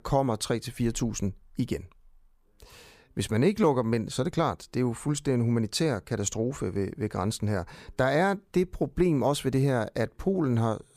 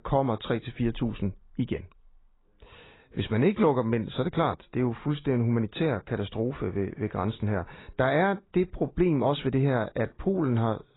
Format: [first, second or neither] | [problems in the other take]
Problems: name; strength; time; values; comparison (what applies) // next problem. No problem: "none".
first | garbled, watery; badly; nothing above 4 kHz